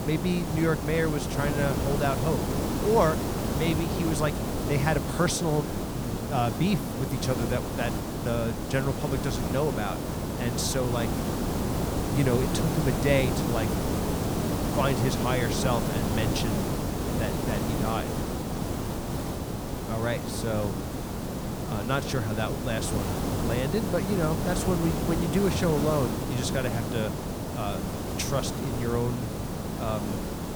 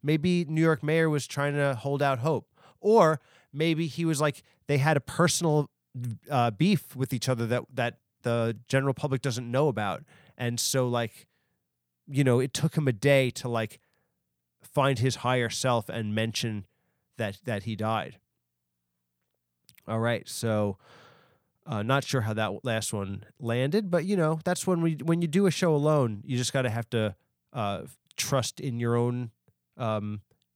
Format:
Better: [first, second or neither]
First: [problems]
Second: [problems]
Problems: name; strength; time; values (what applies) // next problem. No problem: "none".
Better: second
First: hiss; loud; throughout; as loud as the speech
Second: none